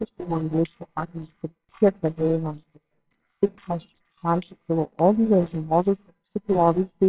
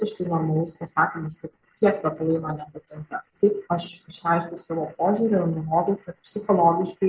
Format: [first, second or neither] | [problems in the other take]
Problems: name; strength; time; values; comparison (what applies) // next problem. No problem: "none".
second | noise reduction (neural separator model SepFormer WHAMR!)